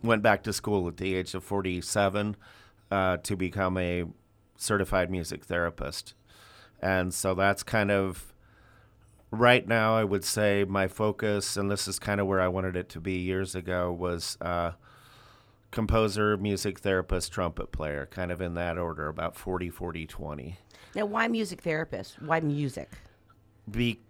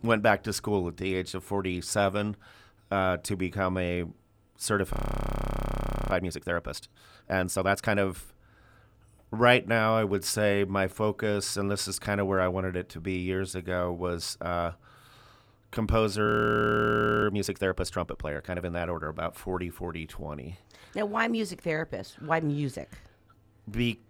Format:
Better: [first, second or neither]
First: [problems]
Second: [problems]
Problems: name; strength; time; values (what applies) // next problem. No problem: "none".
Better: first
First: none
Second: audio freezing; at 5 s for 1 s and at 16 s for 1 s